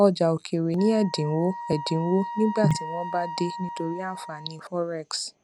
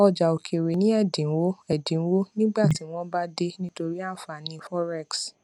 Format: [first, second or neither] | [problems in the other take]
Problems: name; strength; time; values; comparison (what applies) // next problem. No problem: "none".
second | background sound (Wind instrument, woodwind instrument); 12 dB below the speech